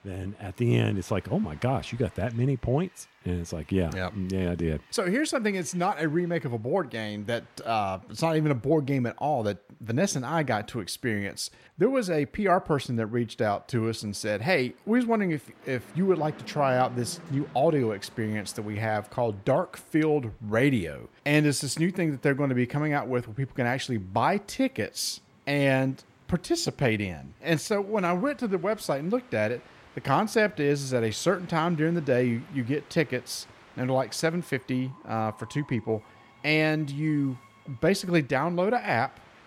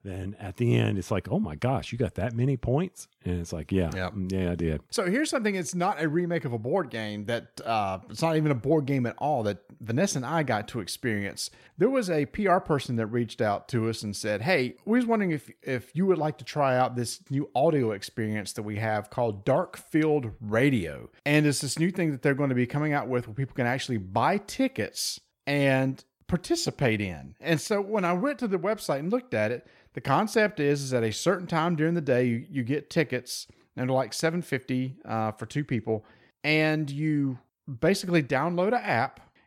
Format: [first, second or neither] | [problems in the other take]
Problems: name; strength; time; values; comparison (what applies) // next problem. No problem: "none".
second | train or aircraft noise; faint; throughout; 25 dB below the speech